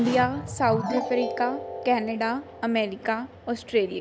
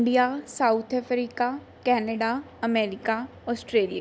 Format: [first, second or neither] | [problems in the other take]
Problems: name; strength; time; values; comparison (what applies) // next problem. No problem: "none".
second | background sound (Keyboard (musical)); 8 dB below the speech